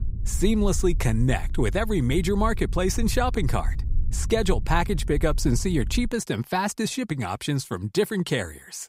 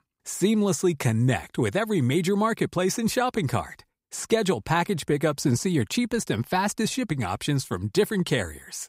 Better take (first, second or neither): second